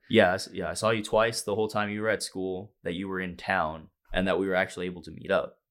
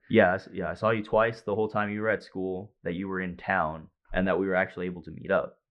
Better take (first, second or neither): first